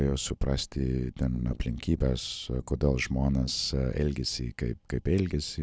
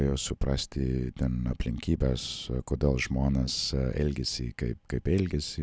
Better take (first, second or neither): second